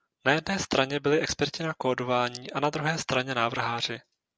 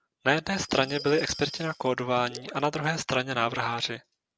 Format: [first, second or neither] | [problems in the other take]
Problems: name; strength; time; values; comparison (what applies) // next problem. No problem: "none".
first | background sound (Glass + Gurgling / Liquid); 17 dB below the speech